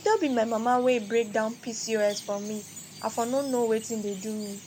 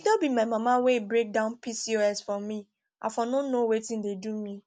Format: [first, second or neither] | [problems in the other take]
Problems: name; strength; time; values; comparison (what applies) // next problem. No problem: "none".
second | background sound (Chirp, tweet); 17 dB below the speech